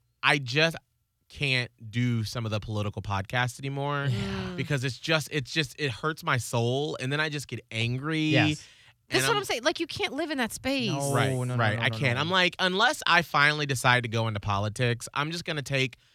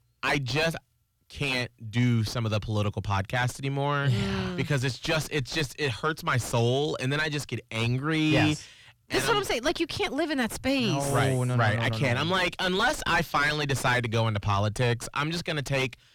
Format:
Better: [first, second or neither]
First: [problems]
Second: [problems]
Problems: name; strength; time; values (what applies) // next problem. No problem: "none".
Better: first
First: none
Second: distortion; heavy; 5 dB below the speech